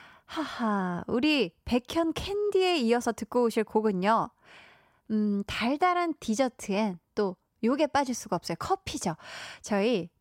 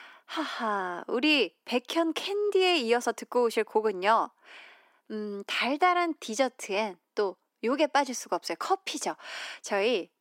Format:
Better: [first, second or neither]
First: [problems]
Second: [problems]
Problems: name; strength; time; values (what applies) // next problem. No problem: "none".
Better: first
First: none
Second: thin; somewhat; fading below 250 Hz